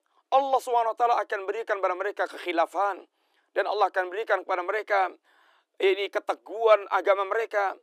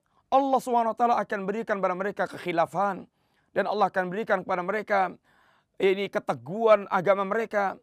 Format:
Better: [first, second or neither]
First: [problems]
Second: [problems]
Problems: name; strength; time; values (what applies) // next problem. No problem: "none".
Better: second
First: thin; very; fading below 300 Hz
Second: none